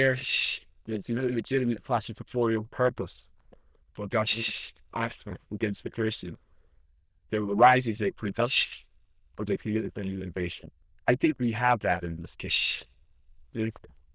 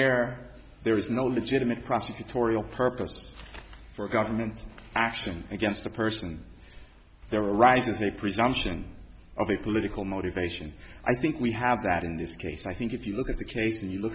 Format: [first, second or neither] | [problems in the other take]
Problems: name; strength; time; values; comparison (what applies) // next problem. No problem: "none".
second | noise reduction (neural diffusion model UNIVERSE++)